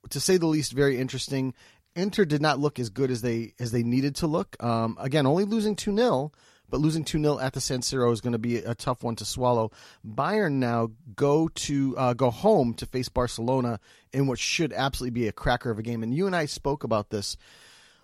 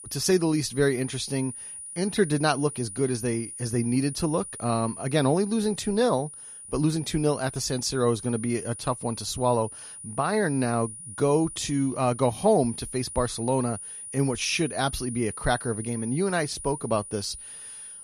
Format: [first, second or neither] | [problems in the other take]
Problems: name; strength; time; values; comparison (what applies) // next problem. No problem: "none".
first | high-pitched whine; noticeable; throughout; 9.5 kHz, 10 dB below the speech